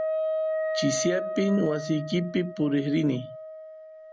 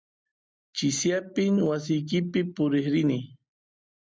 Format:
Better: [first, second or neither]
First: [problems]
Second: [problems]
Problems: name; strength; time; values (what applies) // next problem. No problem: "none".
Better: second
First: background sound (Wind instrument, woodwind instrument); 4 dB below the speech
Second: none